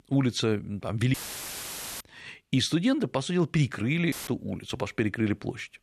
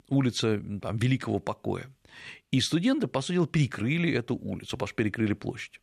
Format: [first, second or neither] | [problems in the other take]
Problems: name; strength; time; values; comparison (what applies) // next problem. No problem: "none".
second | audio cutting out; filled with static; at 1 s for 1 s and at 4 s